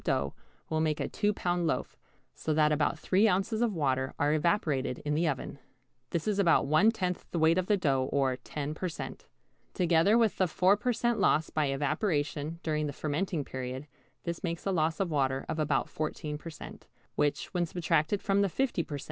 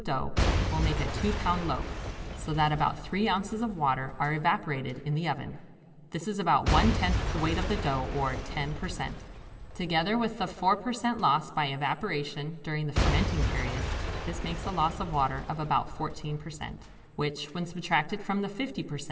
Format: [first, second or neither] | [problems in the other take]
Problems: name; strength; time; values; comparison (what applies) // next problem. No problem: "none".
first | background sound (Shatter / Crushing / Boom); 3 dB below the speech // room echo; dies away in 2.5 s